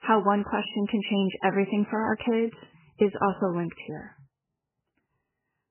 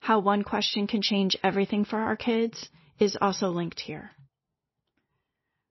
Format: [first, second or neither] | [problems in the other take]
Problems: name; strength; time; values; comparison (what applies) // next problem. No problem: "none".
second | garbled, watery; badly; nothing above 3 kHz; slightly in the second